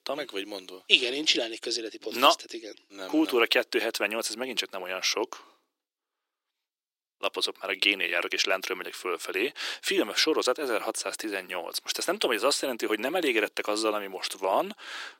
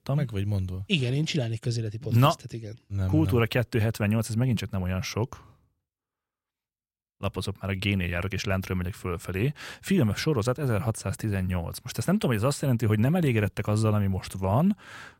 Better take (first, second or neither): second